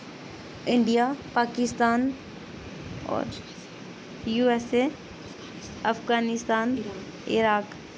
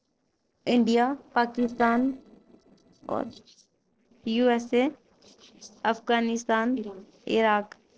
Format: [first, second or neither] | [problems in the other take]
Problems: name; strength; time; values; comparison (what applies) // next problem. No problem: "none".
first | noise reduction (neural separator model SepFormer DNS4)